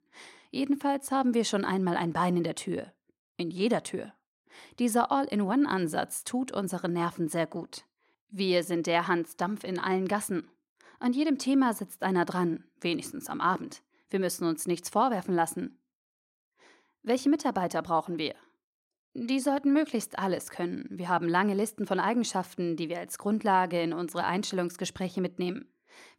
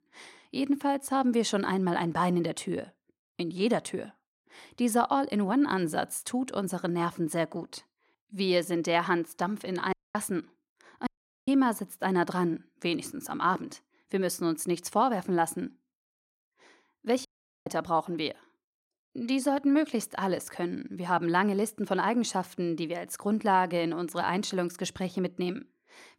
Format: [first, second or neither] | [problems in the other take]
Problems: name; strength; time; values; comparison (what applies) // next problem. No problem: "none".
first | audio cutting out; at 10 s, at 11 s and at 17 s